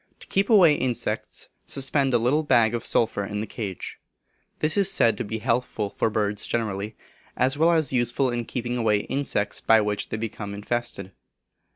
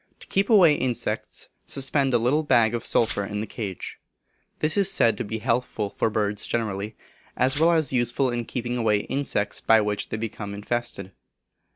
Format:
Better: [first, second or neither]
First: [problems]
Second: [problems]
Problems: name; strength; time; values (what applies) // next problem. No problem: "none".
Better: first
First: none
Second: background sound (Glass); 18 dB below the speech